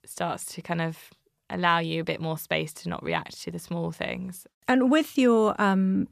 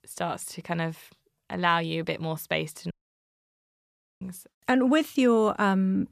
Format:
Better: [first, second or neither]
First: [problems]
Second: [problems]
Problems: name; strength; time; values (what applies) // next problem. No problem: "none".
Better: first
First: none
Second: audio cutting out; at 3 s for 1.5 s